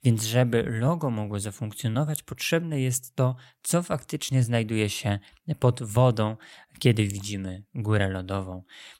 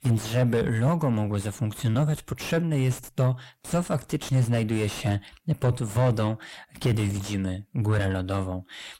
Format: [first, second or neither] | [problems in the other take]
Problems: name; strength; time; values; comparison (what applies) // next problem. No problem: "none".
first | distortion; heavy; 6 dB below the speech